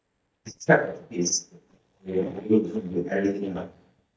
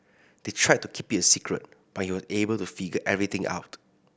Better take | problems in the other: second | noise reduction (neural mask model DeepFilterNet 3)

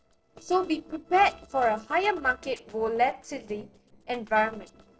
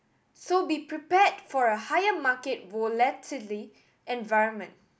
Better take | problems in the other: second | noise reduction (neural separator model SepFormer DNS4)

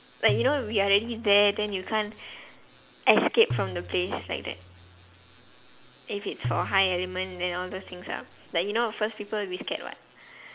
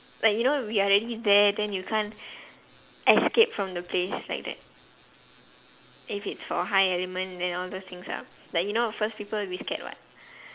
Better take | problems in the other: second | background sound (Tabla); 10 dB below the speech

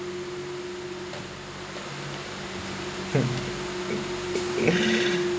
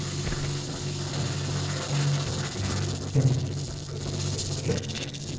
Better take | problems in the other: first | noise reduction (neural separator model SepFormer DNS4)

